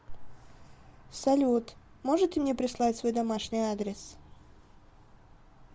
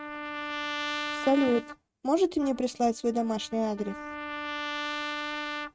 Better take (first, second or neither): first